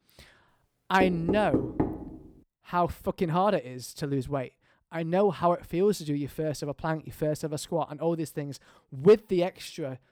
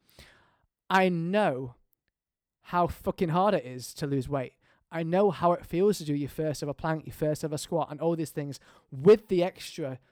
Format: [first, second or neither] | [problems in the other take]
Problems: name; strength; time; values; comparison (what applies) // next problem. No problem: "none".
second | door banging; noticeable; from 1 to 2 s; peak level with the speech